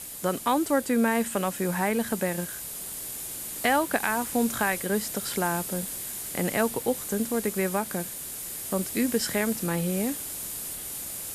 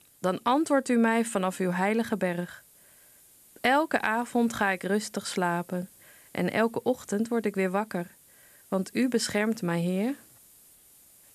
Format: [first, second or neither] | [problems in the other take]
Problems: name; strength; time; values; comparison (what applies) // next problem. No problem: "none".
second | hiss; loud; throughout; 6 dB below the speech; faint in the second